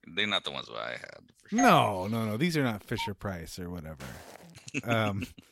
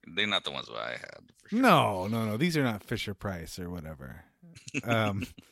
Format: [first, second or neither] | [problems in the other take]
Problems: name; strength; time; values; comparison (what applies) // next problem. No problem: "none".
second | doorbell; noticeable; at 1.5 s; peak level with the speech // phone ringing; faint; at 2.5 s; peak 10 dB below the speech // footsteps; faint; at 4 s; peak 15 dB below the speech